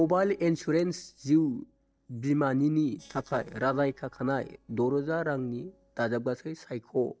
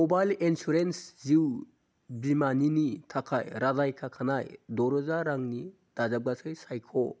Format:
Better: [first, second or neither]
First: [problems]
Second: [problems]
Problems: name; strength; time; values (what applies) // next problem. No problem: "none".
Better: second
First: noise reduction (neural separator model SepFormer DNS4)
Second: none